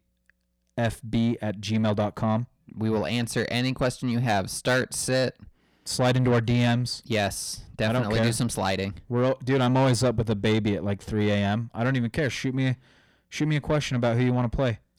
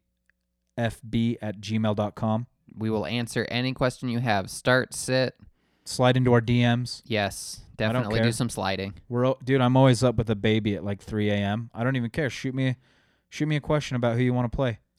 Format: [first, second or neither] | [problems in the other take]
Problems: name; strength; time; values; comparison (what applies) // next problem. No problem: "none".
second | distortion; slight; 10 dB below the speech